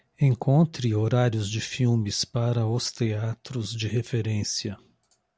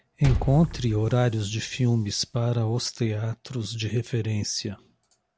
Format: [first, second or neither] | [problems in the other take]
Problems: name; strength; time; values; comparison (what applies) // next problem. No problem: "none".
first | background sound (Liquid); 10 dB below the speech